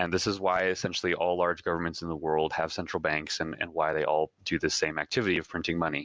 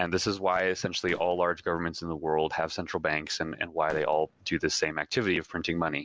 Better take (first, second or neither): first